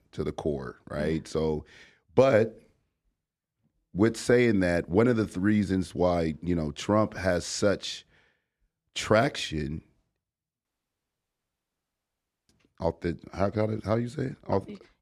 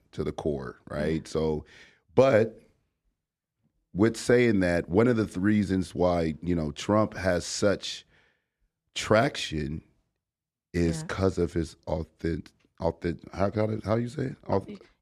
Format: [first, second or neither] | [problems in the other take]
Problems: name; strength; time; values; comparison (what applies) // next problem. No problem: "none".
second | audio cutting out; at 11 s for 2 s